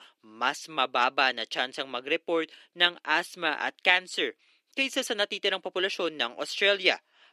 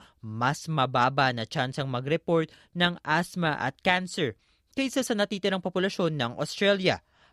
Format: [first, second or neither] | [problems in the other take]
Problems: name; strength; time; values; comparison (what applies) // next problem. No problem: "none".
second | thin; somewhat; fading below 300 Hz